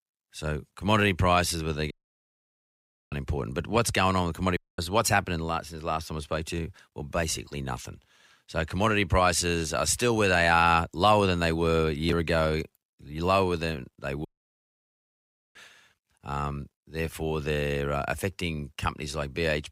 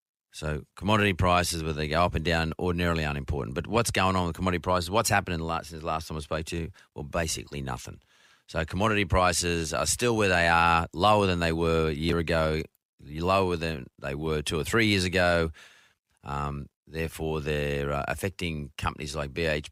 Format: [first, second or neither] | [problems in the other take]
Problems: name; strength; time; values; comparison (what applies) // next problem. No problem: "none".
second | audio cutting out; at 2 s for 1 s, at 4.5 s and at 14 s for 1.5 s